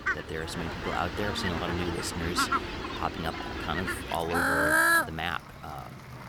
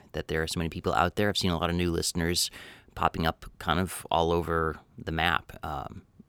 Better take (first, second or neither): second